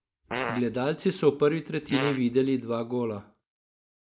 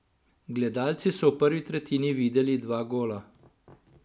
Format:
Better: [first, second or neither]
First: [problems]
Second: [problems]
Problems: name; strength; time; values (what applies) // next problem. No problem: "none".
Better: second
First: noise reduction (neural mask model Resemble Enhance denoiser)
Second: none